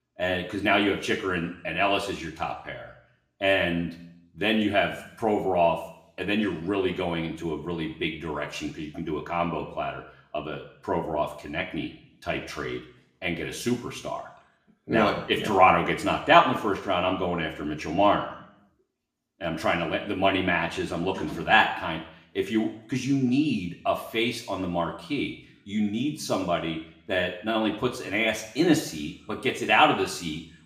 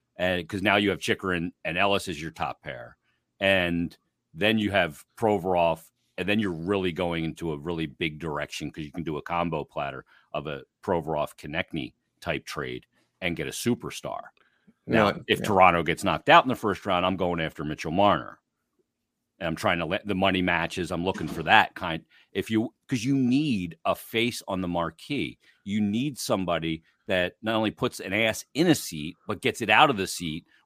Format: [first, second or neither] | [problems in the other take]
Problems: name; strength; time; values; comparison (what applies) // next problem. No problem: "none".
second | room echo; slight; dies away in 0.7 s // off-mic speech; somewhat distant